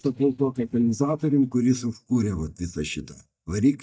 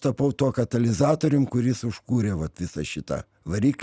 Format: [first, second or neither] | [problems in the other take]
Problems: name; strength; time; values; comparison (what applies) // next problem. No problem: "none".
second | noise reduction (neural mask model DeepFilterNet 3)